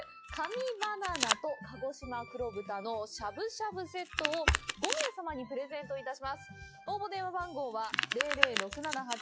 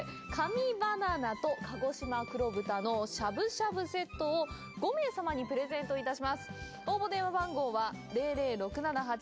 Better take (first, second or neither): second